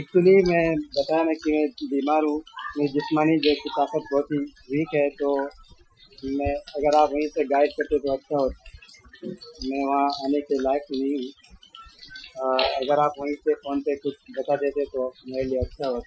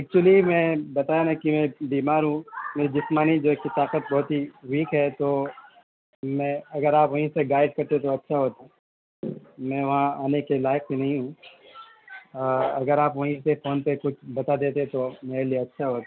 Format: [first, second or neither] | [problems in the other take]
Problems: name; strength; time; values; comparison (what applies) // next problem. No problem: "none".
second | noise reduction (classical method Wiener filter)